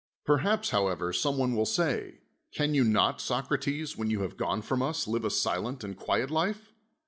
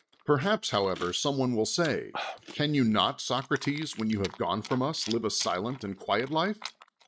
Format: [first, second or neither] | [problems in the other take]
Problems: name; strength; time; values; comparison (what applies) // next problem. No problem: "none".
first | noise reduction (neural mask model RNNoise)